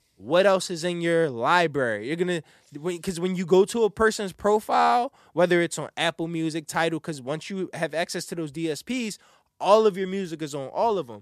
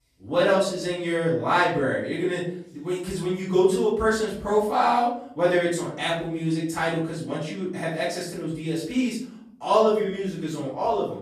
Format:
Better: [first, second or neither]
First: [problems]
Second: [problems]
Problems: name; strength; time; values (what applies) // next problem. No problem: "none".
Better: first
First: none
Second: off-mic speech; far // room echo; noticeable; dies away in 0.5 s